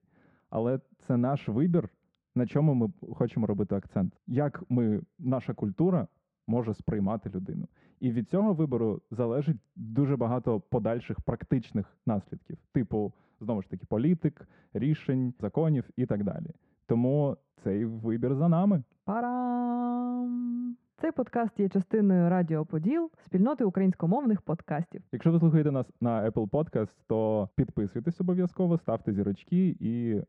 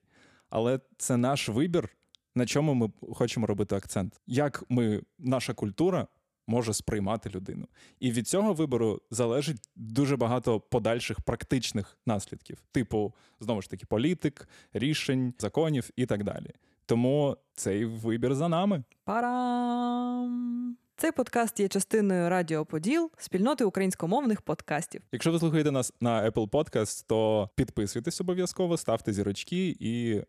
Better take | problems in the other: second | muffled; very; fading above 1.5 kHz

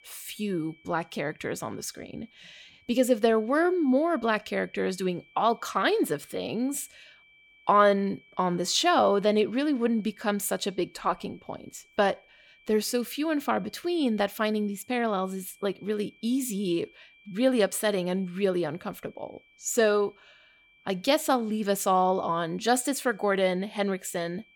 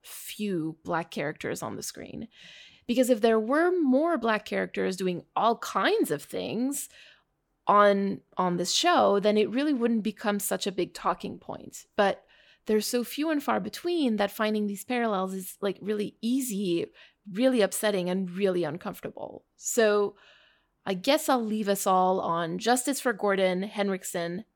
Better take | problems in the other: second | high-pitched whine; faint; throughout; 2.5 kHz, 30 dB below the speech

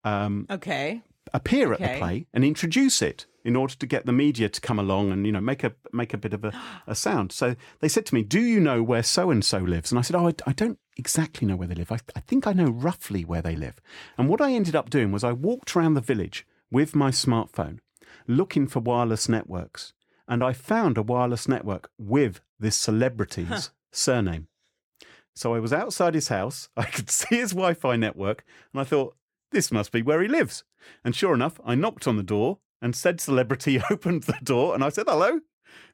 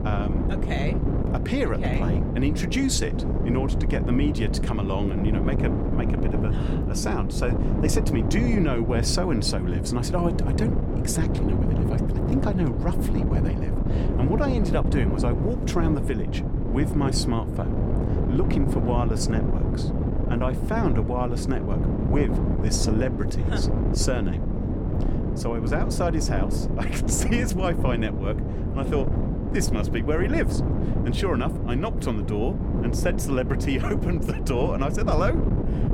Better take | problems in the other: first | wind noise on the microphone; heavy; 3 dB below the speech

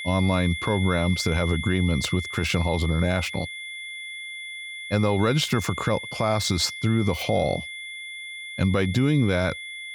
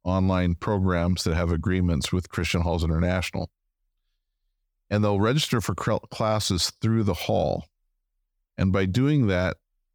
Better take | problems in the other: second | high-pitched whine; loud; throughout; 2 kHz, 9 dB below the speech

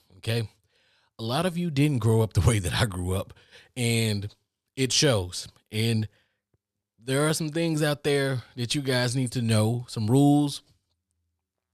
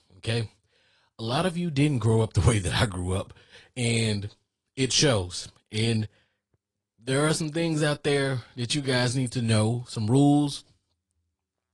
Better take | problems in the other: first | garbled, watery; slightly

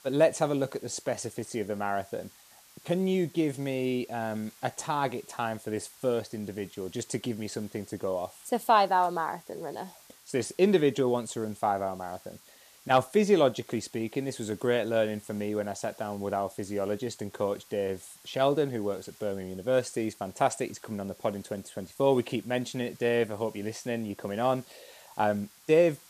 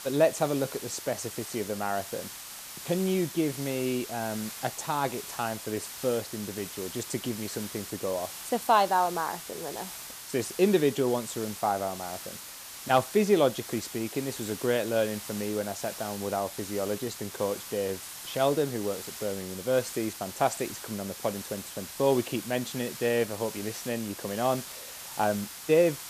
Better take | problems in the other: first | hiss; loud; throughout; 9 dB below the speech; faint in the first

